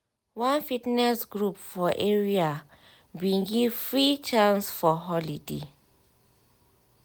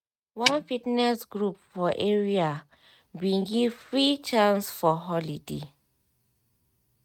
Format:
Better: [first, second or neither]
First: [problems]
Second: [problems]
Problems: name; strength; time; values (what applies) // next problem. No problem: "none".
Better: first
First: none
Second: noise reduction (neural mask model RNNoise)